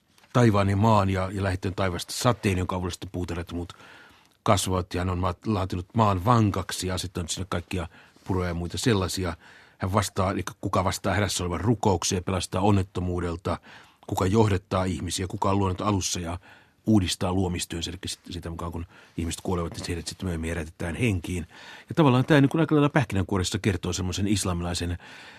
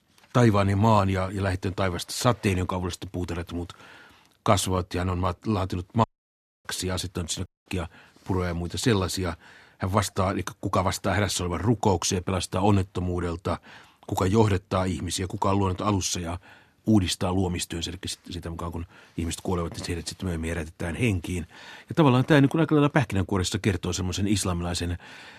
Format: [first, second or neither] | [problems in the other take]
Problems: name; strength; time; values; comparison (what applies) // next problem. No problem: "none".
first | audio cutting out; at 6 s for 0.5 s and at 7.5 s